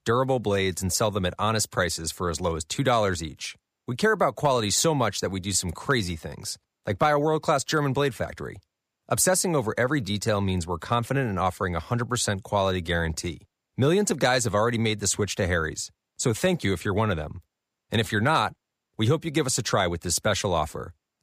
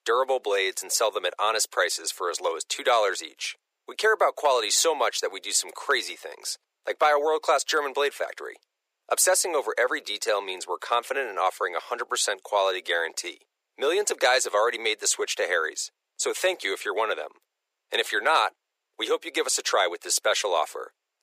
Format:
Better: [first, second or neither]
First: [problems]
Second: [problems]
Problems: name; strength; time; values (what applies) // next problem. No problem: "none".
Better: first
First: none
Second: thin; very; fading below 400 Hz